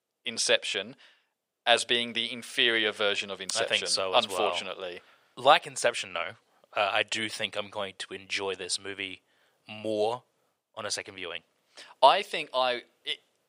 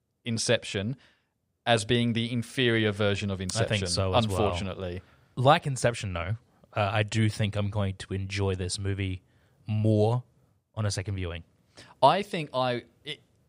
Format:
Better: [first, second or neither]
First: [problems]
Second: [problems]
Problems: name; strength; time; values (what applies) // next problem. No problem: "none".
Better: second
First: thin; very; fading below 500 Hz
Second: none